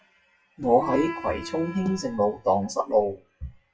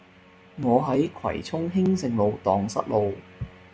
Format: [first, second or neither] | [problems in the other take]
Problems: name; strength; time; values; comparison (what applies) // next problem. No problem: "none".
second | noise reduction (classical method WPE with log-MMSE)